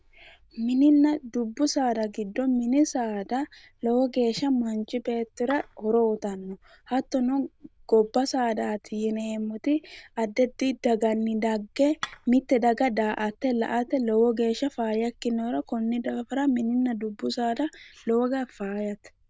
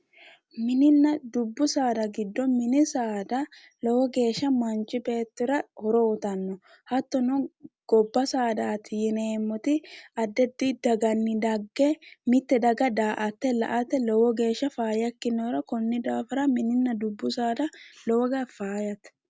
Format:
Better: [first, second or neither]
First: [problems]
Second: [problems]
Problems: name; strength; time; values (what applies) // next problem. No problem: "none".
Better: second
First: noise reduction (neural diffusion model UNIVERSE++)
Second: none